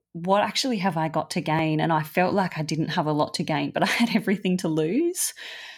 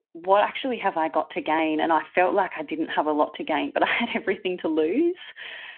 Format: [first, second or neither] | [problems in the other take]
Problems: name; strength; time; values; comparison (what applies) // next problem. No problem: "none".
first | phone-call audio